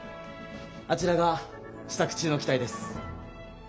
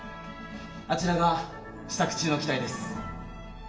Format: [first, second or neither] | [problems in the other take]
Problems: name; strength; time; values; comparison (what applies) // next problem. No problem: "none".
first | room echo; dies away in 0.7 s